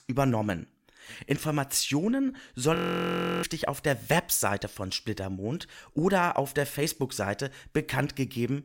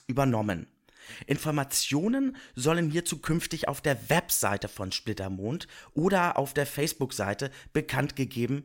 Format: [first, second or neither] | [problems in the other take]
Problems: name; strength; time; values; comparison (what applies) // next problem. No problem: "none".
second | audio freezing; at 3 s for 0.5 s